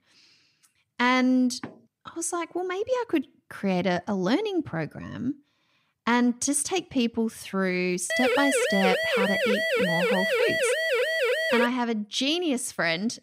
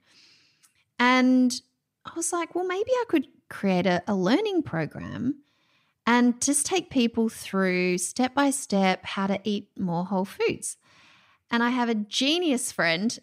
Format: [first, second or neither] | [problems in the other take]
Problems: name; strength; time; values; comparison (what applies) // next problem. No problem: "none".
second | door banging; faint; at 1.5 s; peak 15 dB below the speech // siren; loud; from 8 to 12 s; peak 3 dB above the speech